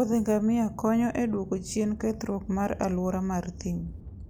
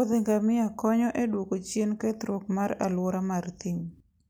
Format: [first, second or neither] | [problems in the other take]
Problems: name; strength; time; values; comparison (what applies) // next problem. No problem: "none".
second | background sound (Aircraft); 15 dB below the speech